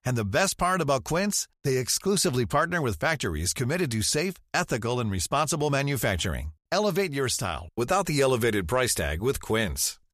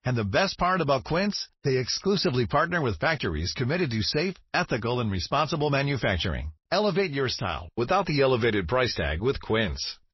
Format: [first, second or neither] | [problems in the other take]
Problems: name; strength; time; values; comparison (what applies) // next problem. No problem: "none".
first | garbled, watery; slightly; nothing above 5.5 kHz